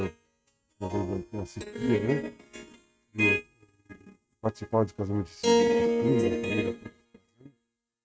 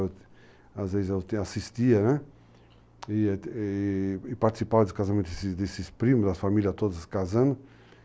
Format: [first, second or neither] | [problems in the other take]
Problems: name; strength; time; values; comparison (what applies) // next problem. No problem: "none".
second | noise reduction (neural mask model RNNoise)